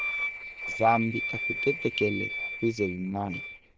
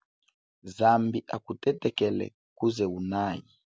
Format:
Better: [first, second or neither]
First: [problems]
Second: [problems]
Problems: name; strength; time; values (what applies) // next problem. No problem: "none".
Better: second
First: noise reduction (neural diffusion model UNIVERSE++)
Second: none